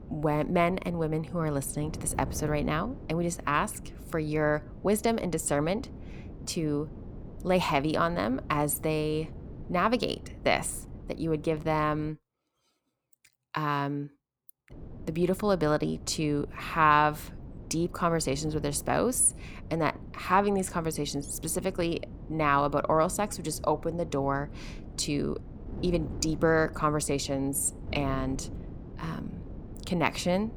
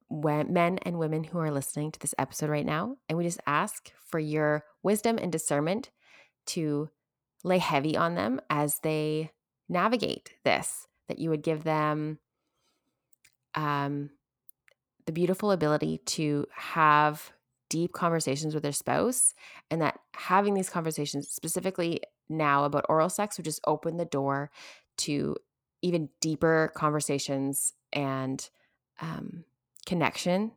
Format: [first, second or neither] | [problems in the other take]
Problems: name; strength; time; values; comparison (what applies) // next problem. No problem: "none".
second | wind noise on the microphone; occasional gusts; until 12 s and from 15 s on; 20 dB below the speech